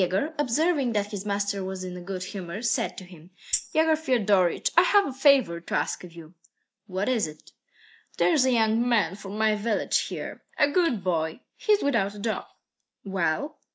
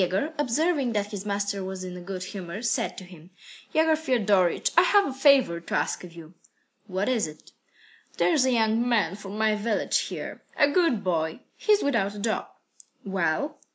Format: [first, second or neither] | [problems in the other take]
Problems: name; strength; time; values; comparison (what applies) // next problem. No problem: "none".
second | noise reduction (neural mask model DeepFilterNet 3)